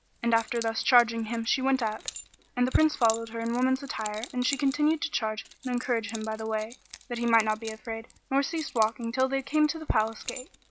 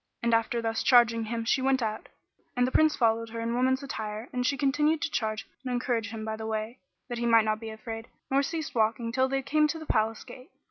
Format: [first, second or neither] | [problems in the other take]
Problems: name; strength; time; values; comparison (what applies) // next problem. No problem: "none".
second | background sound (Keys jangling); 17 dB below the speech